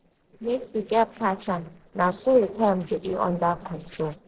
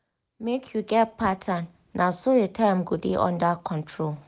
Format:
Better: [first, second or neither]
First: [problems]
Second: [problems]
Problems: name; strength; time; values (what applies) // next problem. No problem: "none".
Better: second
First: noise reduction (neural separator model SepFormer DNS4)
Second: none